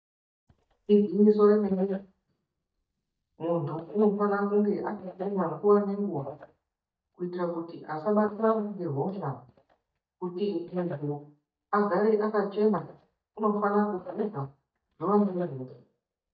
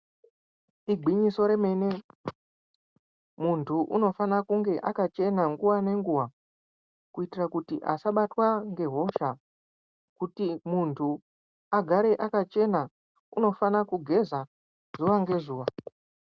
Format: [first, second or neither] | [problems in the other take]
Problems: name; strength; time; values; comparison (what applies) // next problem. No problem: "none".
second | noise reduction (neural mask model DeepFilterNet 3)